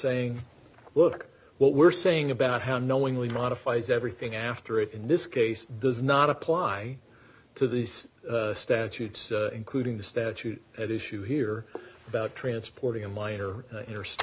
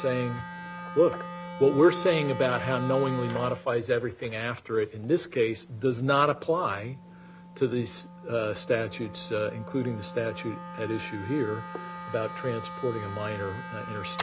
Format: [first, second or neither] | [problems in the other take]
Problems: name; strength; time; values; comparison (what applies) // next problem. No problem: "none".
first | background sound (Wind instrument, woodwind instrument); 12 dB below the speech